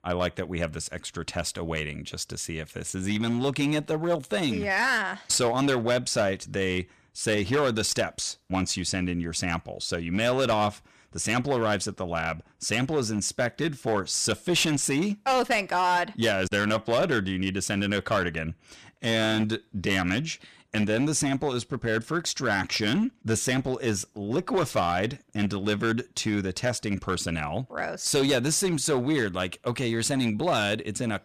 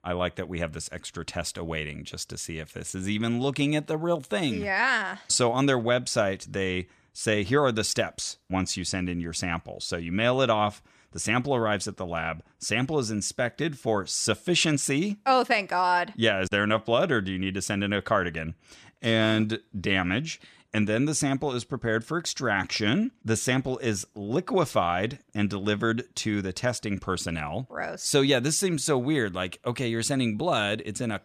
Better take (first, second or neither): second